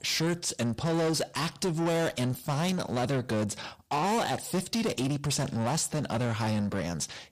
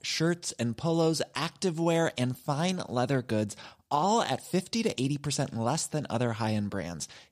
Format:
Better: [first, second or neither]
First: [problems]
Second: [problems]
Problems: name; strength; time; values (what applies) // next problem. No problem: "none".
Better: second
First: distortion; heavy; 8 dB below the speech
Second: none